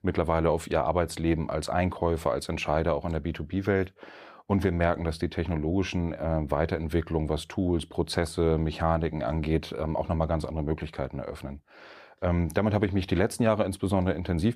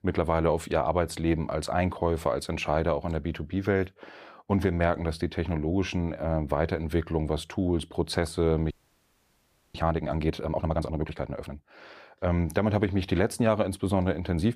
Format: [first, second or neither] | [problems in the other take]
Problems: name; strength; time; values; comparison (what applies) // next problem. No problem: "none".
first | audio freezing; at 8.5 s for 1 s